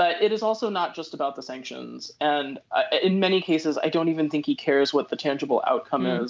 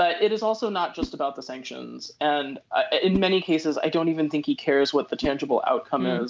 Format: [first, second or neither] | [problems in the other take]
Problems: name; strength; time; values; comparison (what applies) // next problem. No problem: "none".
first | background sound (Whoosh, swoosh, swish); 16 dB below the speech